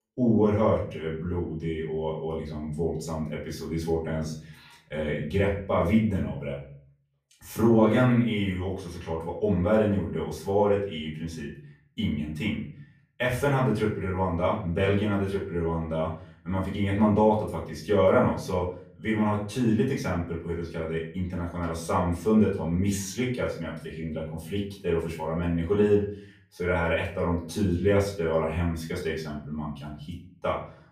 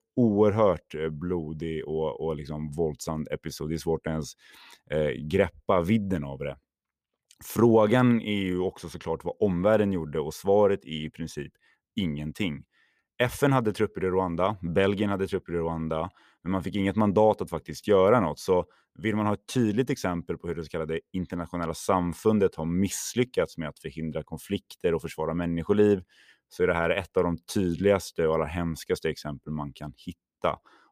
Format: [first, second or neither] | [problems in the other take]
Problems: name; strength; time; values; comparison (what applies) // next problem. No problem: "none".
second | off-mic speech; far // room echo; slight; dies away in 0.5 s